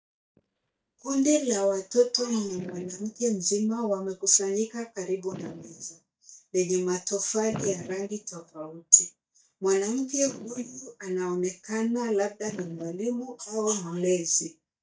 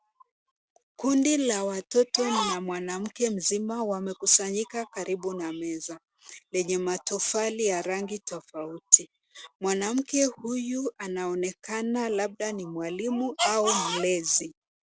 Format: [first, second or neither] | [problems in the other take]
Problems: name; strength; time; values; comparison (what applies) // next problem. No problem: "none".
second | noise reduction (neural mask model DeepFilterNet 3)